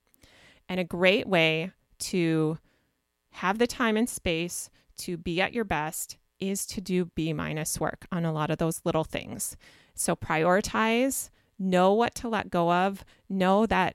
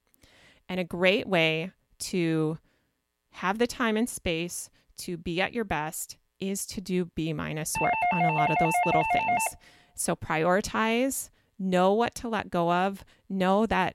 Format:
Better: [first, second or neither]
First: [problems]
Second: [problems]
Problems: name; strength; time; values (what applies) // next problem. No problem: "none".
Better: first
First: none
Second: doorbell; loud; from 8 to 9.5 s; peak 3 dB above the speech